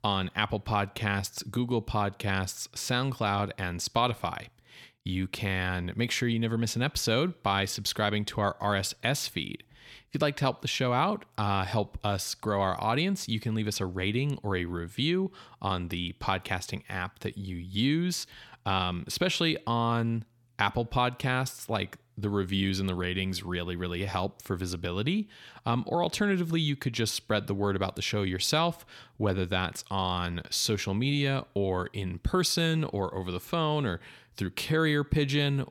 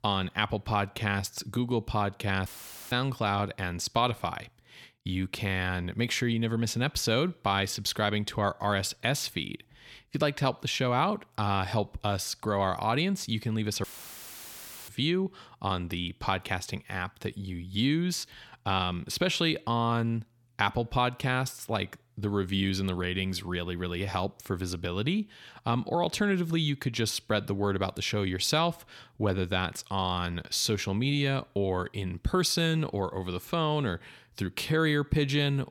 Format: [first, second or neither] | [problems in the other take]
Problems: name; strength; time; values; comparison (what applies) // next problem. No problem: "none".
first | audio cutting out; filled with static; at 2.5 s and at 14 s for 1 s